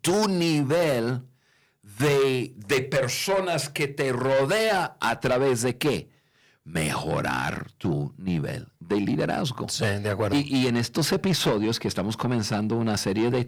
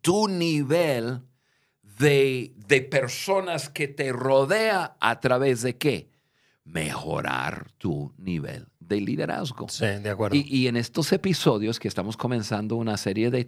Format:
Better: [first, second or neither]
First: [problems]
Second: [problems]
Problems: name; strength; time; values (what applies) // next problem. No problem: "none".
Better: second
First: distortion; heavy; 8 dB below the speech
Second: none